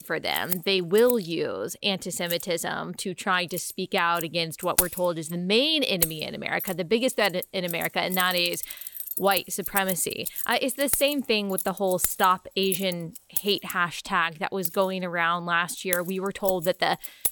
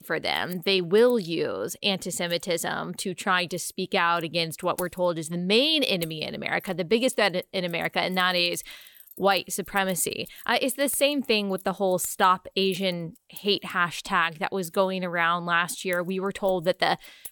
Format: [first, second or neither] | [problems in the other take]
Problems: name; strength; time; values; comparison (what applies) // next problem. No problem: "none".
second | household noises; loud; throughout; 5 dB below the speech; faint in the second